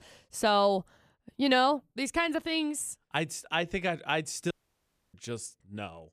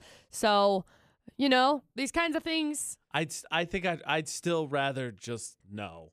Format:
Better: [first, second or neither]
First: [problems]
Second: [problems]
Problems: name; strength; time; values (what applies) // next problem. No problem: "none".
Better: second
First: audio cutting out; at 4.5 s for 0.5 s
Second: none